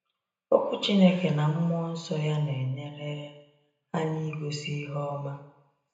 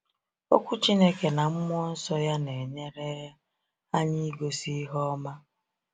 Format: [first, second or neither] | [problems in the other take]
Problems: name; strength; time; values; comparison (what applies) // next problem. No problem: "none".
second | room echo; dies away in 0.8 s